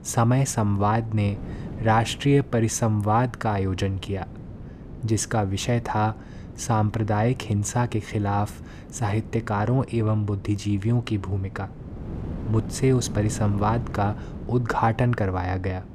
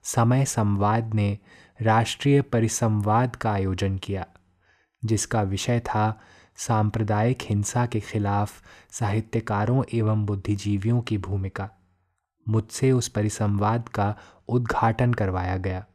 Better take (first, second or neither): second